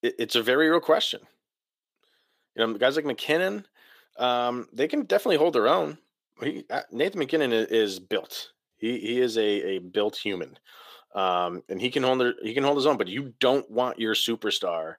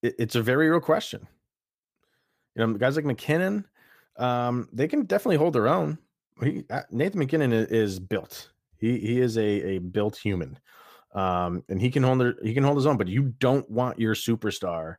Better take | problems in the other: second | thin; somewhat; fading below 400 Hz

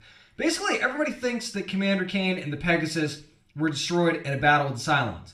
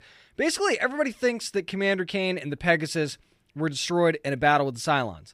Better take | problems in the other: second | room echo; very slight; dies away in 0.4 s // off-mic speech; somewhat distant

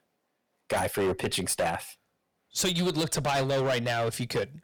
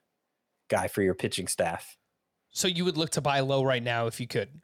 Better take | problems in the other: second | distortion; heavy; 13% of the sound clipped

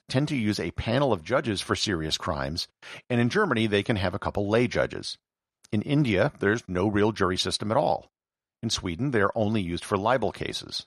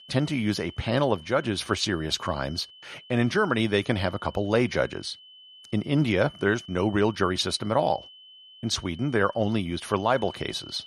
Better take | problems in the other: first | high-pitched whine; noticeable; throughout; 3 kHz, 20 dB below the speech

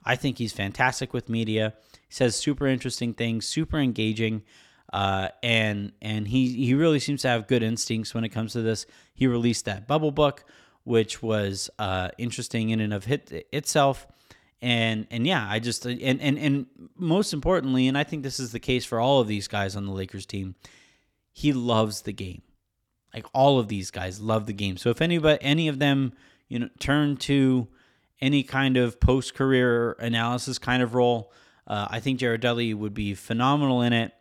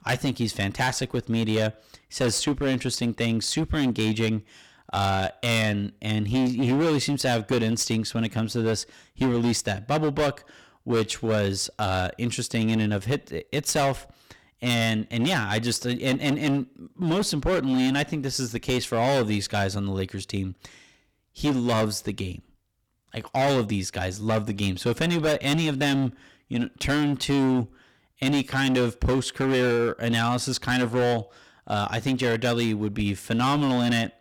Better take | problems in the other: first | distortion; heavy; 15% of the sound clipped

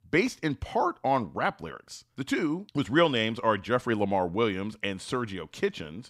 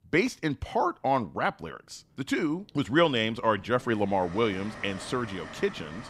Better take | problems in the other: first | train or aircraft noise; noticeable; throughout; 15 dB below the speech

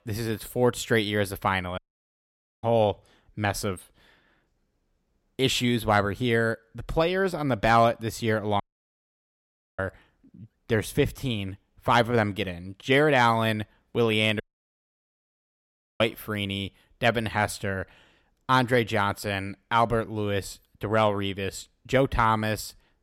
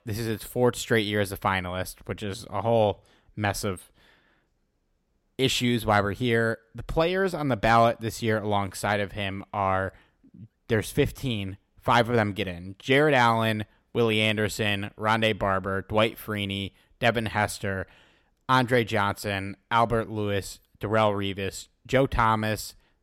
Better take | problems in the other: second | audio cutting out; at 2 s for 1 s, at 8.5 s for 1 s and at 14 s for 1.5 s

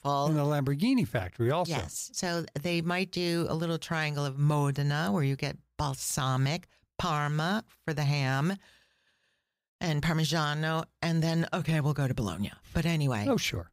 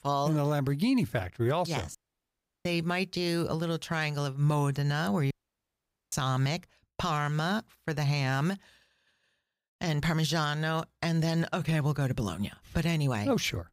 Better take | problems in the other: first | audio cutting out; at 2 s for 0.5 s and at 5.5 s for 1 s

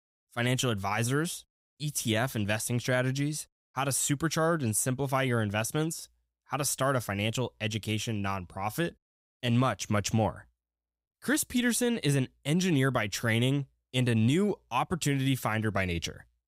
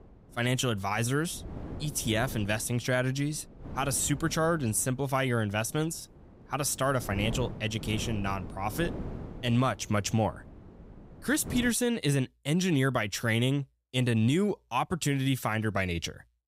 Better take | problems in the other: first | wind noise on the microphone; occasional gusts; until 12 s; 15 dB below the speech

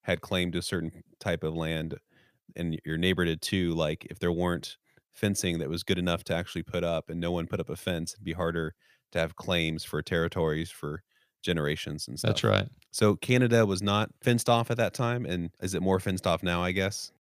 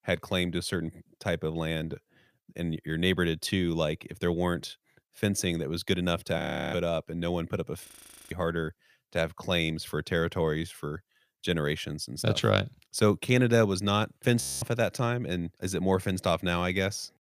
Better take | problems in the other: first | audio freezing; at 6.5 s, at 8 s and at 14 s

